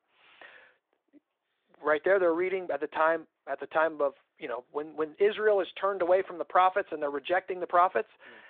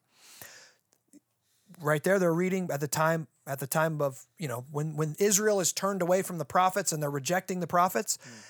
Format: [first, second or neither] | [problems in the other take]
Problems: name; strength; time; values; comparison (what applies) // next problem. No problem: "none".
second | phone-call audio